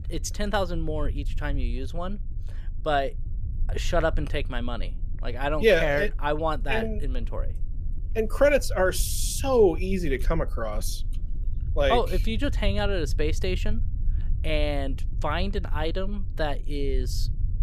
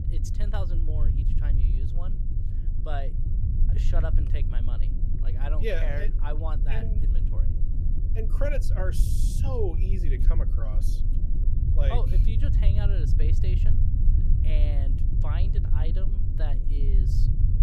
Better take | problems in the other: first | low rumble; loud; throughout; 5 dB below the speech; faint in the first

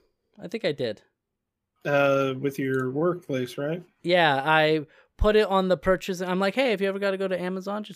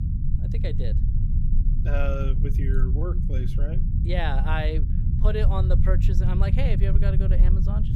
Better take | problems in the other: first | low rumble; loud; throughout; 6 dB below the speech

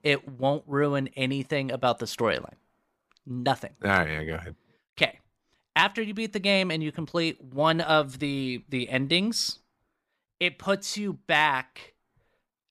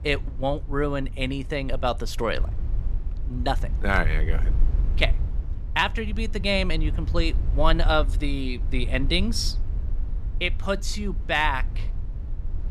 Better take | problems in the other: first | low rumble; faint; throughout; 20 dB below the speech

